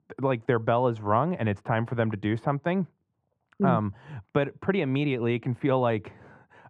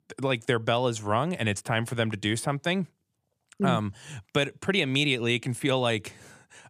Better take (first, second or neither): second